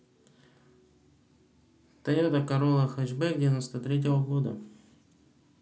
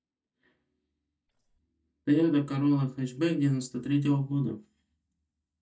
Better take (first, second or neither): first